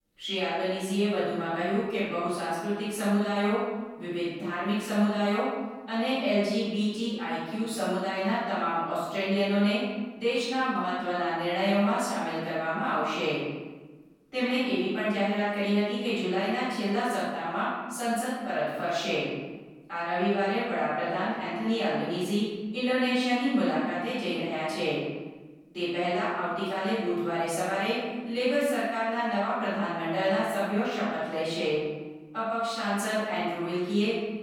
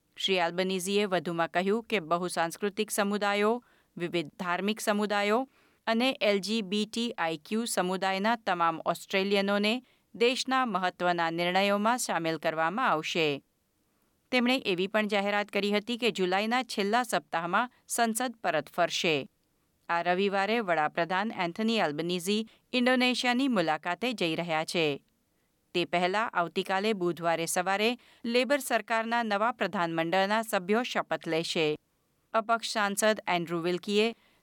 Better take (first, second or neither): second